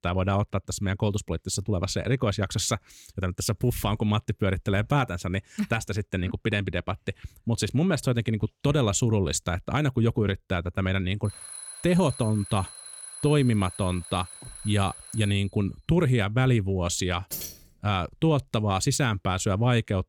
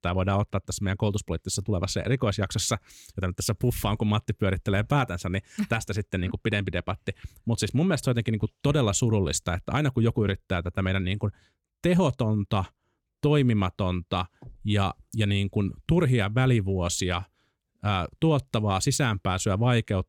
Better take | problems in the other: second | alarm; faint; from 11 to 15 s; peak 10 dB below the speech // jangling keys; noticeable; at 17 s; peak 8 dB below the speech

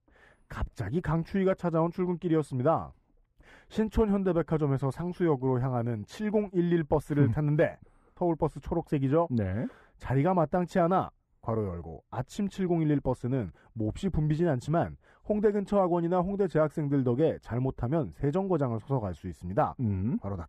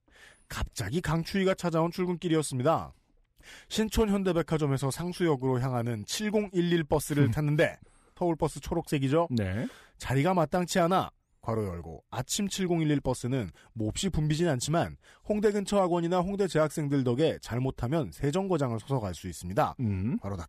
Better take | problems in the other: second | muffled; very; fading above 2.5 kHz

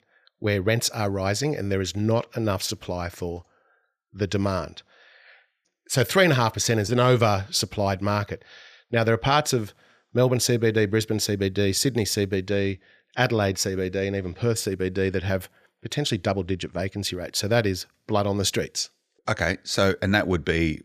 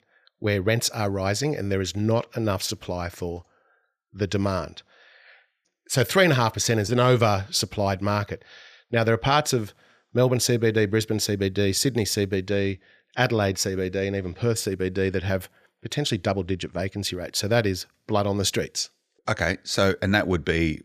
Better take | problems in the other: neither | none

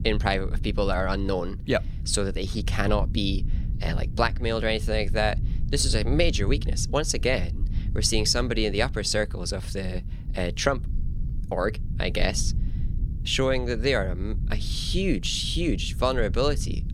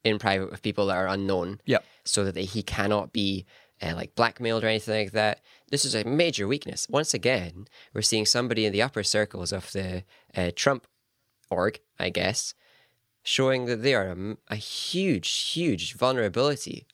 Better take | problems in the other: second | low rumble; noticeable; throughout; 20 dB below the speech

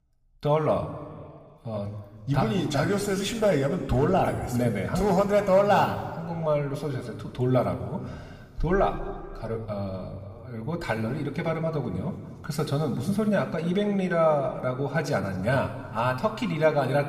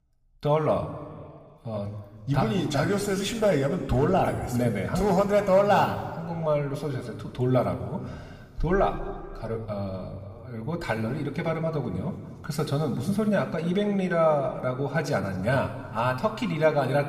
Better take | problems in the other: neither | room echo; slight; dies away in 1.5 s; the same in both

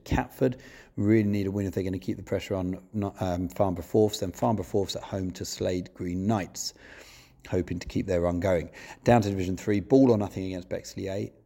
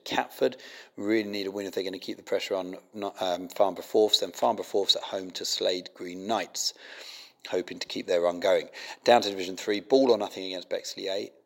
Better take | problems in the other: first | thin; somewhat; fading below 500 Hz

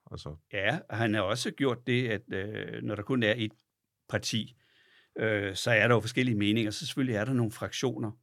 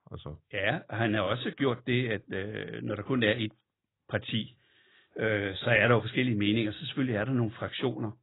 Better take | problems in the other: first | garbled, watery; badly; nothing above 4 kHz

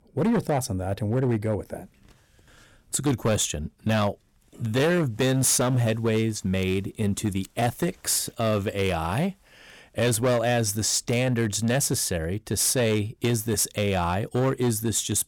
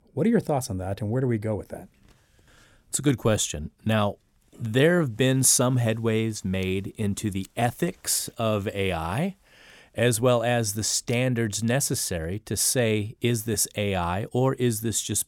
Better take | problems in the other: second | distortion; slight; 9% of the sound clipped

